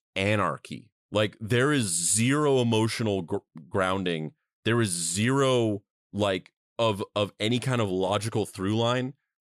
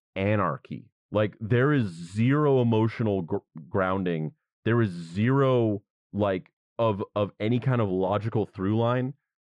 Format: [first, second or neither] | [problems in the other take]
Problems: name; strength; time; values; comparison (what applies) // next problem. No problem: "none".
first | muffled; very; fading above 1.5 kHz